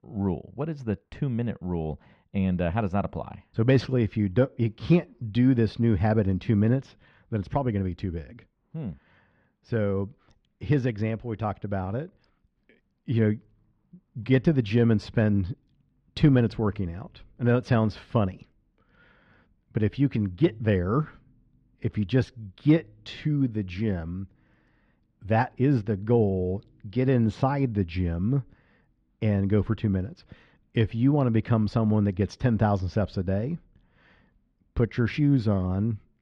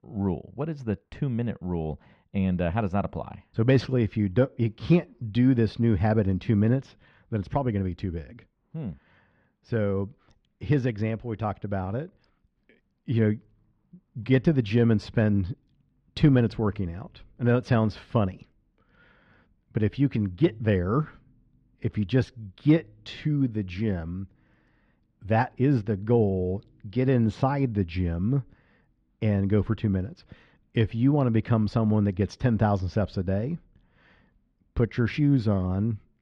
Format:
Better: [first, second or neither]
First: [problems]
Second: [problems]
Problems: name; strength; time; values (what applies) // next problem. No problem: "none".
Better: neither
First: muffled; very; fading above 2 kHz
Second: muffled; very; fading above 2 kHz